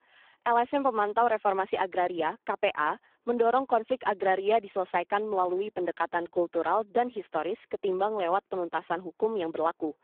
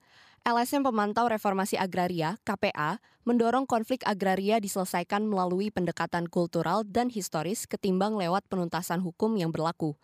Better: second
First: phone-call audio; poor line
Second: none

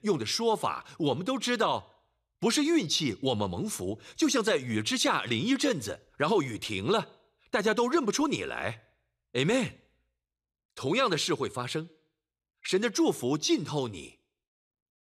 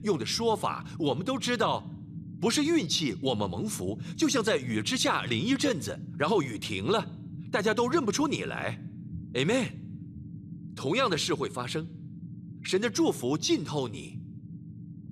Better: first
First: none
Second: low rumble; faint; throughout; 20 dB below the speech

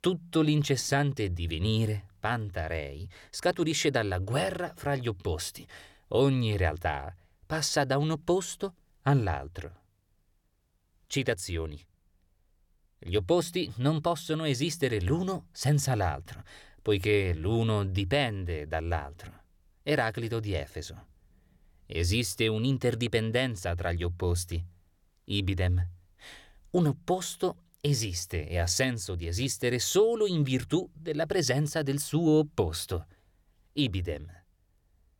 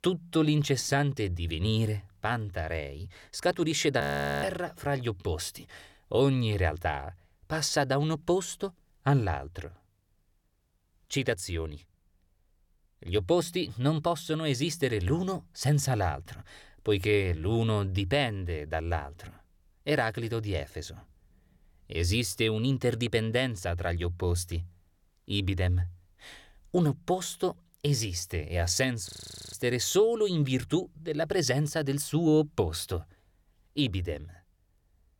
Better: first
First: none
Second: audio freezing; at 4 s and at 29 s

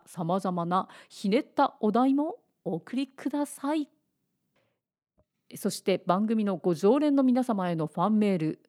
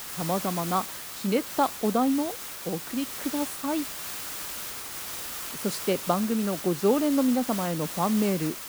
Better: first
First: none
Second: hiss; loud; throughout; 6 dB below the speech

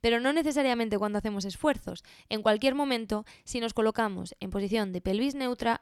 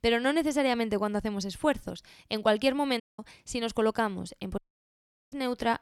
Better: first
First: none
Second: audio cutting out; at 3 s and at 4.5 s for 0.5 s

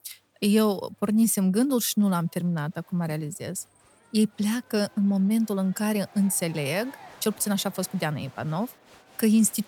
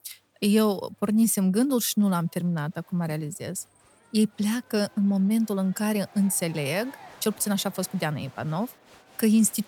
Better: neither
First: crowd noise; faint; throughout; 25 dB below the speech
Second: crowd noise; faint; throughout; 25 dB below the speech

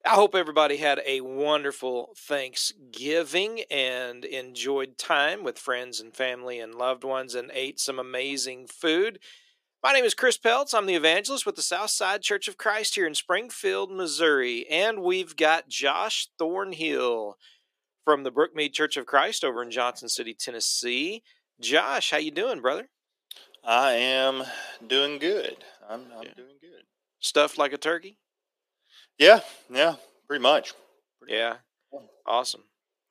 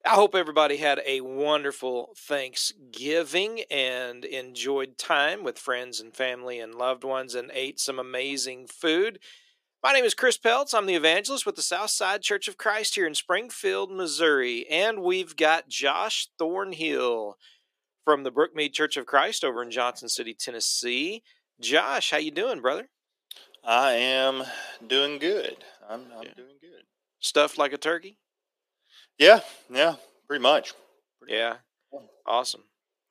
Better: neither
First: thin; somewhat; fading below 350 Hz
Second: thin; somewhat; fading below 350 Hz

